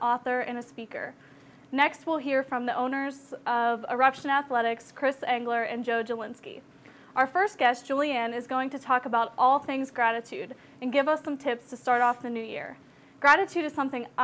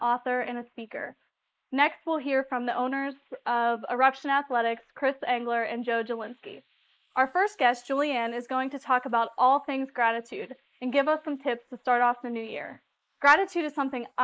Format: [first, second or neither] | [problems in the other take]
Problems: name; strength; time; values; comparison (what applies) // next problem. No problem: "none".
first | noise reduction (neural mask model Resemble Enhance denoiser)